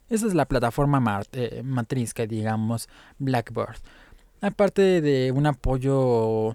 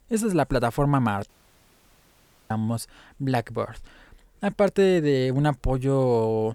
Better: first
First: none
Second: audio cutting out; at 1.5 s for 1 s

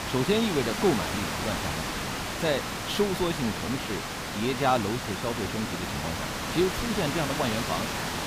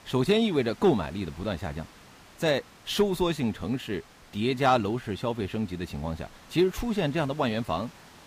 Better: second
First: hiss; loud; throughout; 2 dB below the speech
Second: hiss; faint; throughout; 25 dB below the speech

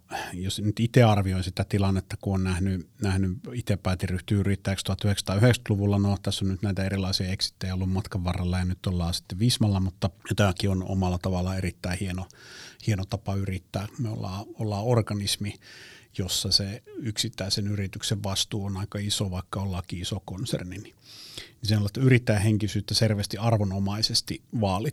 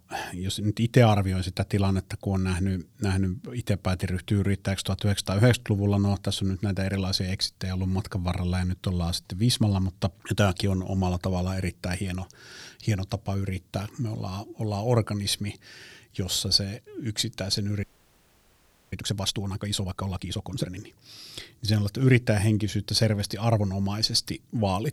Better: first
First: none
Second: audio freezing; at 18 s for 1 s

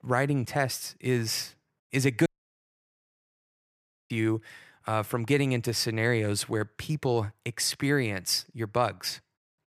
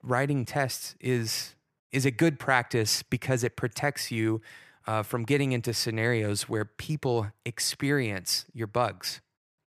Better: second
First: audio cutting out; at 2.5 s for 2 s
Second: none

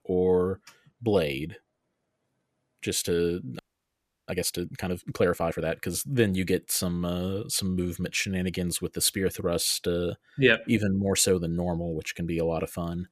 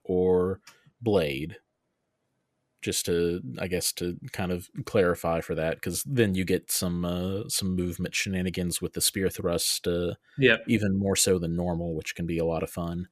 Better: second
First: audio freezing; at 3.5 s for 0.5 s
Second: none

